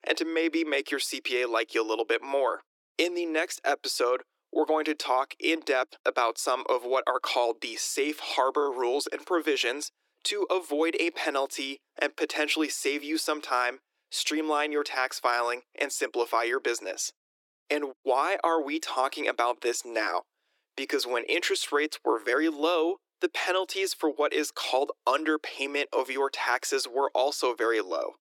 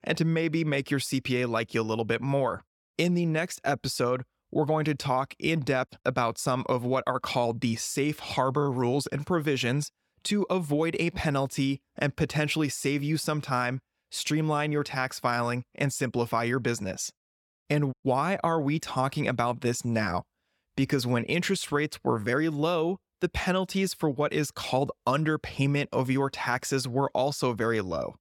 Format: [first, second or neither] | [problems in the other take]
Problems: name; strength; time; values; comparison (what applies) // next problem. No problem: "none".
second | thin; very; fading below 300 Hz